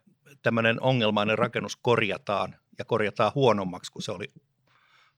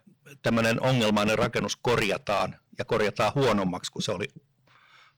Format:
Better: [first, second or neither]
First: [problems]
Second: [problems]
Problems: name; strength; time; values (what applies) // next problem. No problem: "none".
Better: first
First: none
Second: distortion; heavy; 11% of the sound clipped